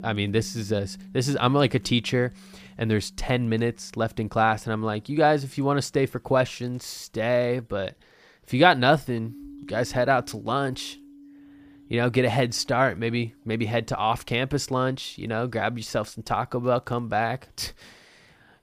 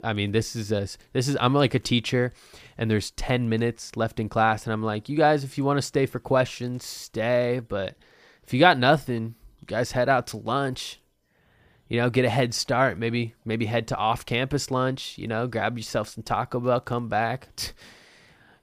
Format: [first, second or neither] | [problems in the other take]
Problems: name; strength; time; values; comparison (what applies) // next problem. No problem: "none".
second | background music; faint; throughout; 20 dB below the speech